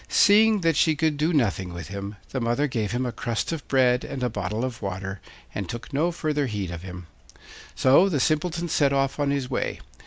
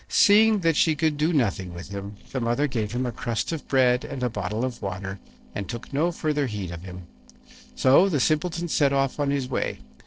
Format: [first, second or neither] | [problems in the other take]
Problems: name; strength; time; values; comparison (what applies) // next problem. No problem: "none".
first | noise reduction (neural separator model SepFormer DNS4)